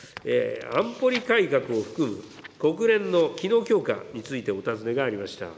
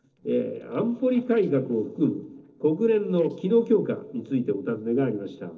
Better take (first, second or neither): first